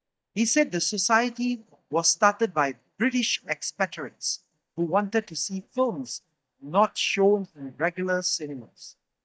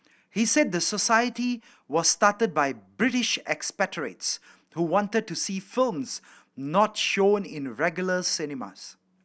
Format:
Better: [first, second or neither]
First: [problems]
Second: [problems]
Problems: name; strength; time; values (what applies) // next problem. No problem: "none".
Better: second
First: noise reduction (neural mask model DeepFilterNet 3)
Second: none